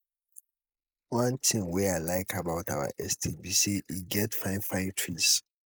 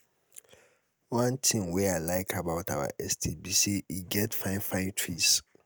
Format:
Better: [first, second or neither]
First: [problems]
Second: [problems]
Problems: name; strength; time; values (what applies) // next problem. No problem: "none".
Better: second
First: noise reduction (neural mask model Resemble Enhance denoiser)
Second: none